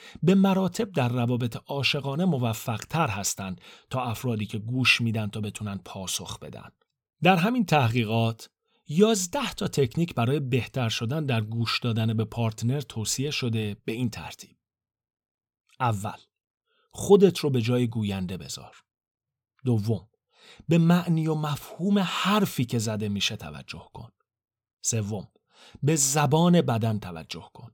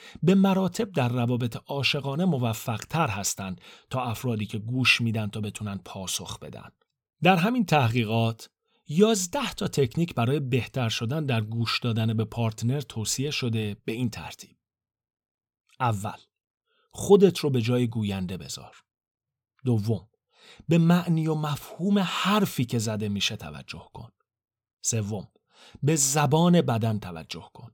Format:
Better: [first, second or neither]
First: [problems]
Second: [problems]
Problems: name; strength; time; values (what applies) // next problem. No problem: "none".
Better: neither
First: none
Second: none